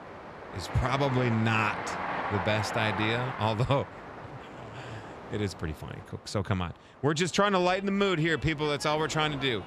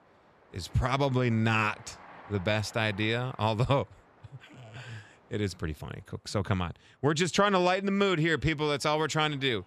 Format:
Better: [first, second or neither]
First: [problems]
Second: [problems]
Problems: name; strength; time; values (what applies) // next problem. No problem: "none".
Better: second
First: train or aircraft noise; loud; throughout; 9 dB below the speech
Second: train or aircraft noise; faint; throughout; 25 dB below the speech